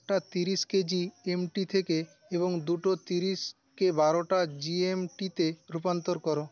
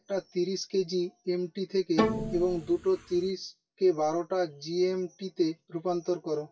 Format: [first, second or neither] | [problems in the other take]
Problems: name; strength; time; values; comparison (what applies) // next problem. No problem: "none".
first | noise reduction (classical method WPE with log-MMSE)